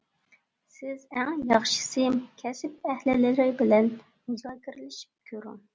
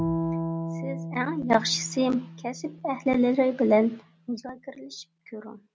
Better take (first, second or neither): first